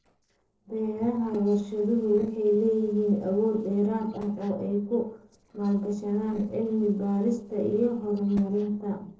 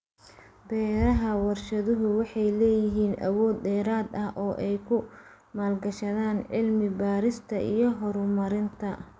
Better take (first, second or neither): second